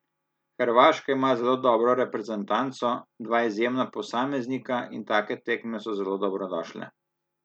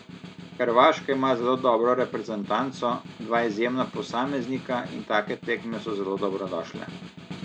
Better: first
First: none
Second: background sound (Snare drum); 15 dB below the speech

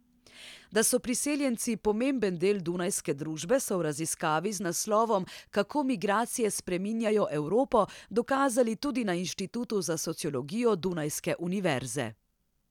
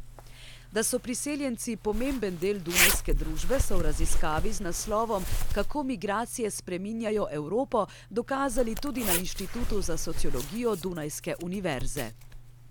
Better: first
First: none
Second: background sound (Zipper (clothing)); 2 dB above the speech

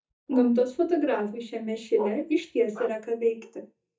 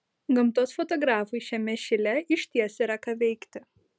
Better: second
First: noise reduction (neural mask model DeepFilterNet 3)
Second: none

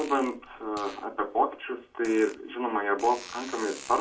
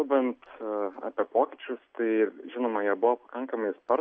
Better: second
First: background sound (Fart); 18 dB below the speech // room echo; dies away in 0.2 s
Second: none

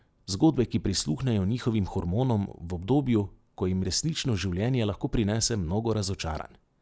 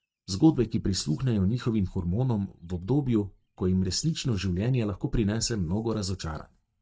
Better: first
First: none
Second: noise reduction (neural mask model DeepFilterNet 3)

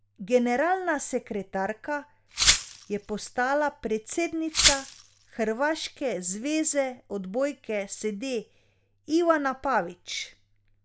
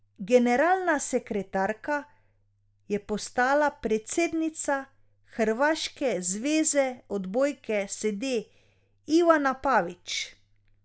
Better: second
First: background sound (Glass); 2 dB above the speech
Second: none

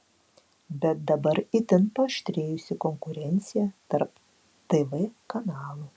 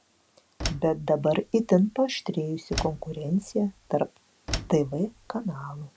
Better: first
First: none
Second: background sound (Slam); 10 dB below the speech

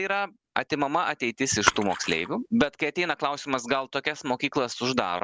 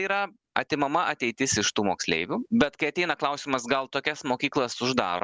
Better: second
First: background sound (Splash, splatter); 5 dB below the speech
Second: none

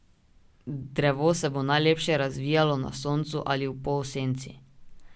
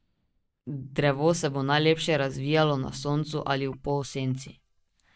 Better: first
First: none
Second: noise reduction (neural mask model DeepFilterNet 3)

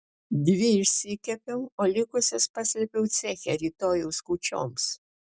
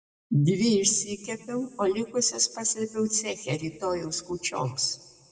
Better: first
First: none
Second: room echo; dies away in 1.1 s

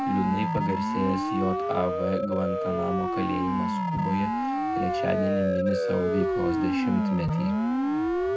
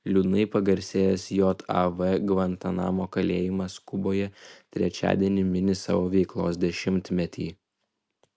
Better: second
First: background sound (Siren); 3 dB above the speech // room echo; dies away in 0.3 s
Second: none

